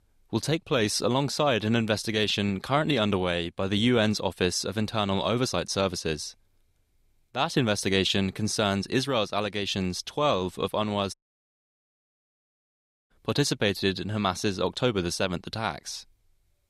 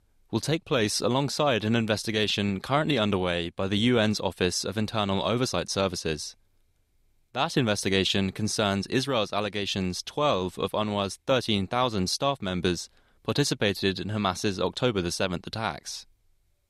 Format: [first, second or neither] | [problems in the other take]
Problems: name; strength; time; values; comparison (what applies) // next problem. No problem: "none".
second | audio cutting out; at 11 s for 2 s